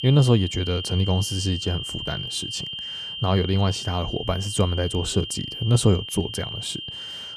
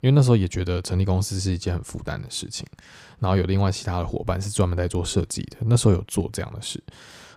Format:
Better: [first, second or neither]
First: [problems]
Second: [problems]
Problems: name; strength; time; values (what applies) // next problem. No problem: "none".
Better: second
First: high-pitched whine; loud; throughout; 3 kHz, 7 dB below the speech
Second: none